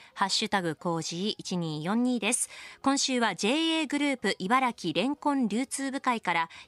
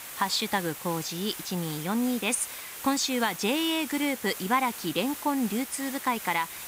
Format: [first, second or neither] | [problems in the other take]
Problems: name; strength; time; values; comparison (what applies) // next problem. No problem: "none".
first | hiss; loud; throughout; 9 dB below the speech